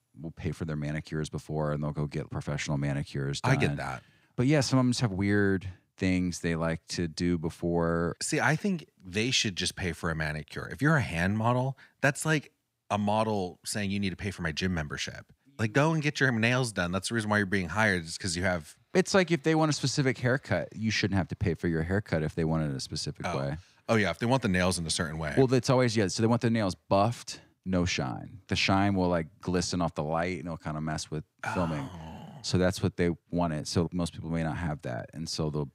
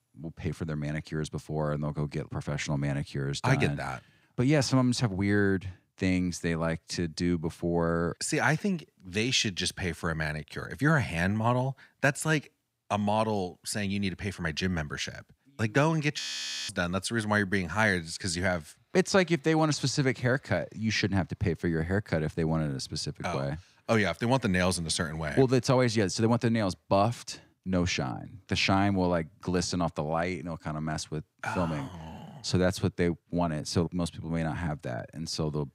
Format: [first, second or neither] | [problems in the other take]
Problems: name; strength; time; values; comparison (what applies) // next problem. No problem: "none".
first | audio freezing; at 16 s for 0.5 s